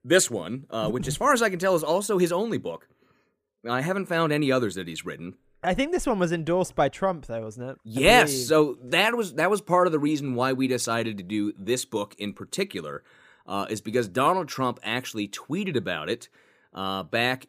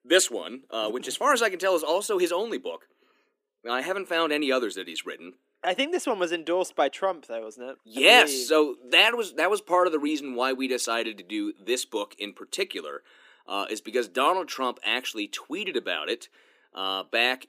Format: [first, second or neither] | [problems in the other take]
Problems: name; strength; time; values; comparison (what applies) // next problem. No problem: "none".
first | thin; very slightly; fading below 300 Hz